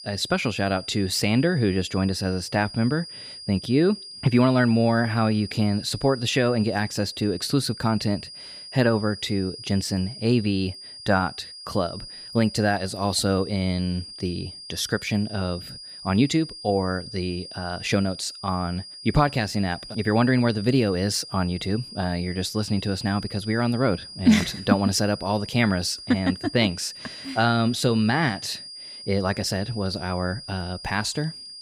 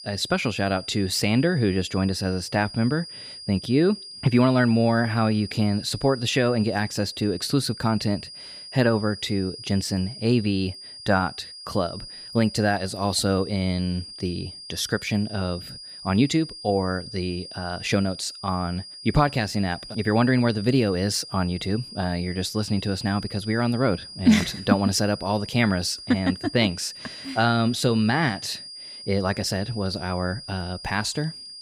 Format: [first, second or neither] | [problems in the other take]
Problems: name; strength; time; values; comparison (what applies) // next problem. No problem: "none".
neither | high-pitched whine; noticeable; throughout; 5 kHz, 15 dB below the speech; the same in both